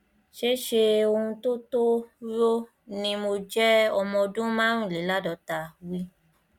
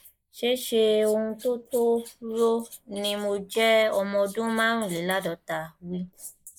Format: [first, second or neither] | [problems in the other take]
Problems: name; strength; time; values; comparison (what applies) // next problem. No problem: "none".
first | noise reduction (neural mask model Resemble Enhance denoiser)